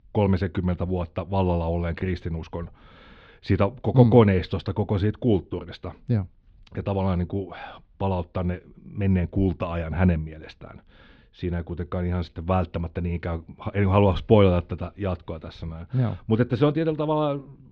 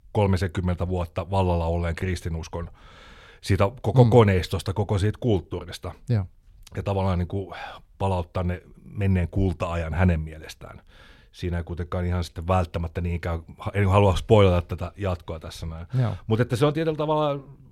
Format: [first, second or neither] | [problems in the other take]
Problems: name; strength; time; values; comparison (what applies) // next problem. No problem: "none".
second | muffled; very slightly; fading above 4 kHz